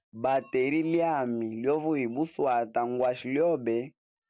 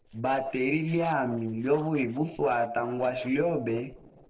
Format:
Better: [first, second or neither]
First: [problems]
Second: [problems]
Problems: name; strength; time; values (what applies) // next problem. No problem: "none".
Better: first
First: none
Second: noise reduction (neural separator model SepFormer DNS4)